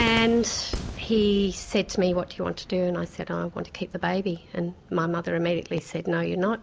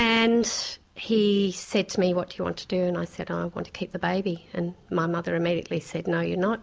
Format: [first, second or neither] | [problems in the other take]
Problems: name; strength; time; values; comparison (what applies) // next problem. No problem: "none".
second | background sound (Cheering / Fireworks); 14 dB below the speech